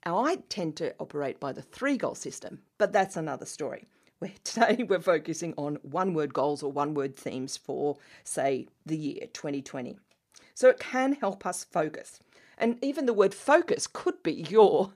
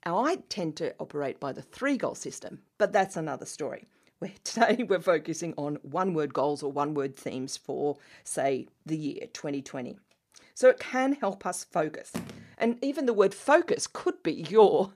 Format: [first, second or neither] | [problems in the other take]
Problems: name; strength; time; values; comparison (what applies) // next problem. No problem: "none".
first | phone ringing; faint; at 12 s; peak 10 dB below the speech